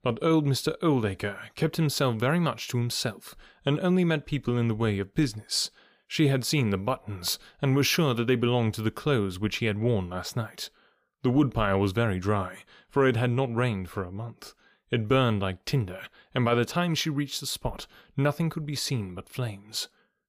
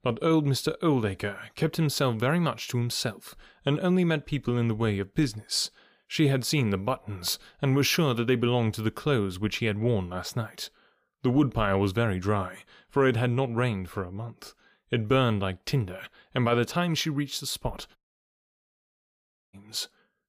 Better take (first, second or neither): first